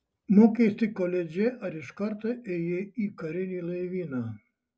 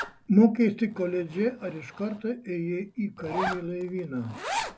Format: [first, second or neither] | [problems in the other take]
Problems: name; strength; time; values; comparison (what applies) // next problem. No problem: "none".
first | background sound (Zipper (clothing)); 10 dB below the speech